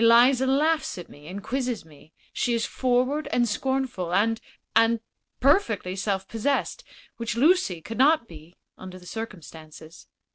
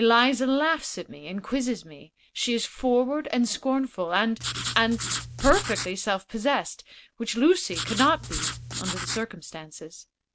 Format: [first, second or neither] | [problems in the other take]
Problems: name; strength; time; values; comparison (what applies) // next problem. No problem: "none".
first | background sound (Writing); 6 dB below the speech